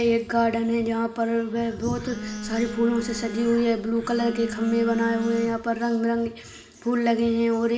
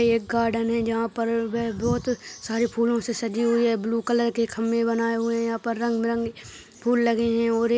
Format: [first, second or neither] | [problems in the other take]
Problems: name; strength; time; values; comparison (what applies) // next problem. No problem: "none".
second | background sound (Telephone); 10 dB below the speech // room echo; dies away in 1.1 s